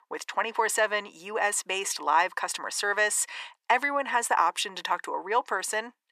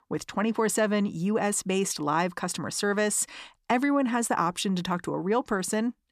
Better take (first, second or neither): second